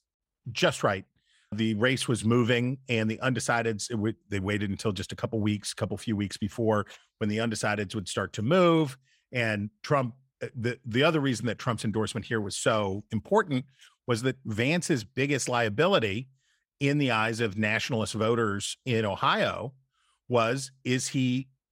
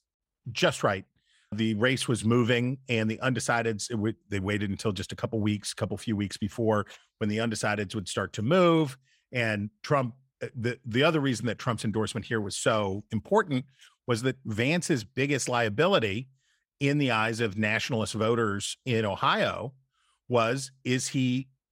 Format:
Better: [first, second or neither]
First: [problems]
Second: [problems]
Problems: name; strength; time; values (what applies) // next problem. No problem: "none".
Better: neither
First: none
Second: none